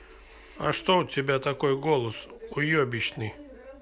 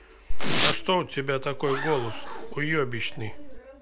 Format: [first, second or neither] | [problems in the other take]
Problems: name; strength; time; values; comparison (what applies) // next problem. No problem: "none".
first | background sound (Domestic sounds, home sounds + Zipper (clothing)); 3 dB above the speech